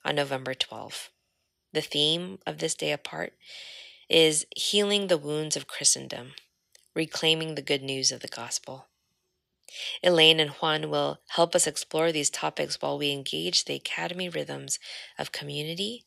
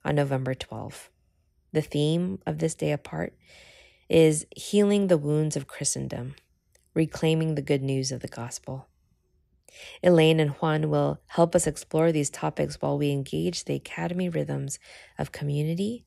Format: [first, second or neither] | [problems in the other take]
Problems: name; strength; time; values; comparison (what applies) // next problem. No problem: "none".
second | thin; somewhat; fading below 800 Hz